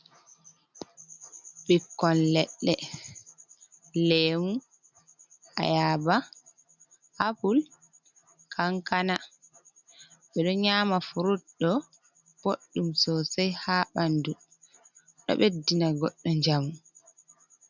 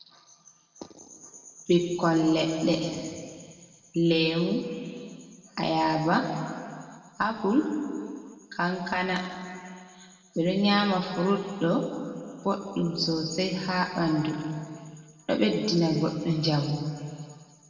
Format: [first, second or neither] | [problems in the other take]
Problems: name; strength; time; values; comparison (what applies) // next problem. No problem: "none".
first | room echo; dies away in 2.1 s